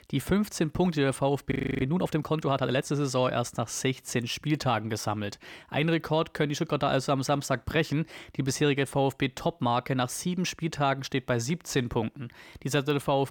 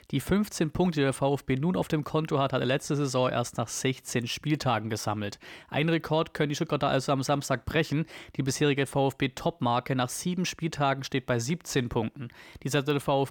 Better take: second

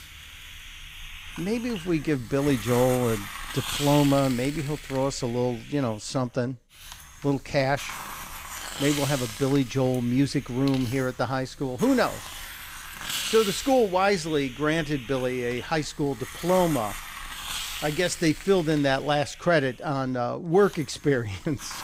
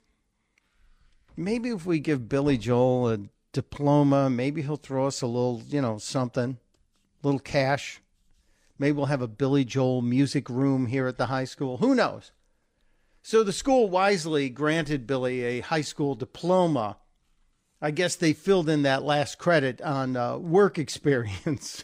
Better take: second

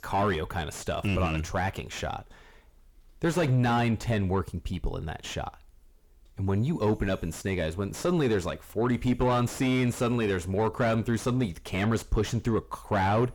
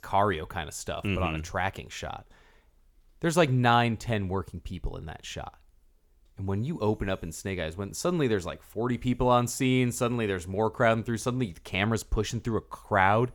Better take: second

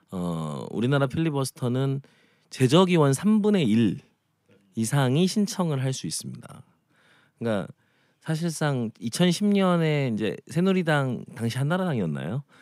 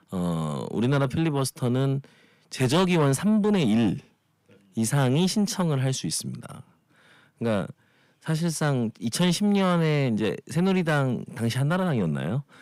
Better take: first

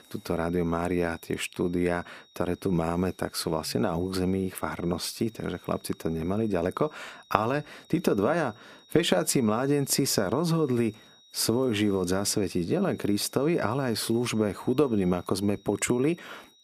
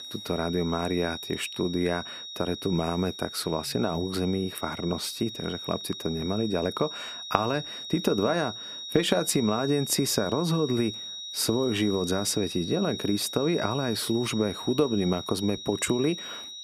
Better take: first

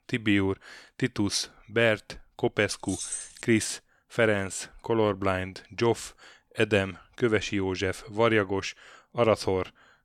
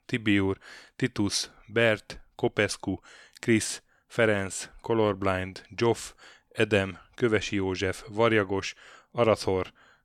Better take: second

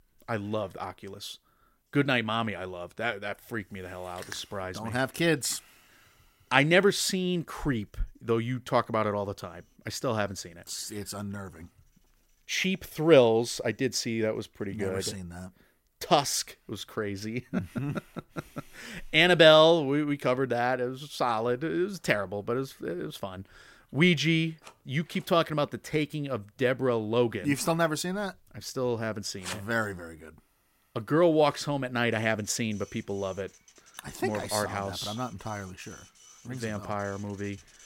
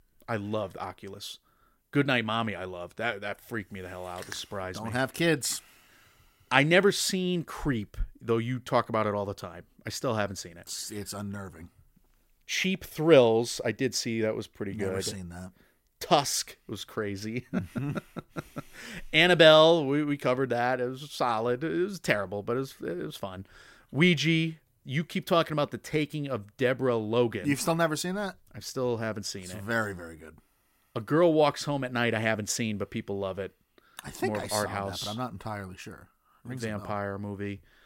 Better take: second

